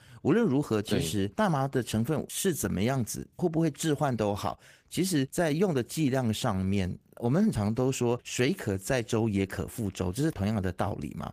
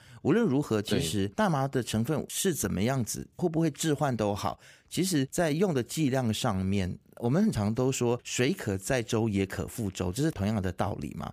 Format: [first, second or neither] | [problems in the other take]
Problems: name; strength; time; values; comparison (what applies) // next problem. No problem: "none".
second | garbled, watery; slightly; nothing above 15 kHz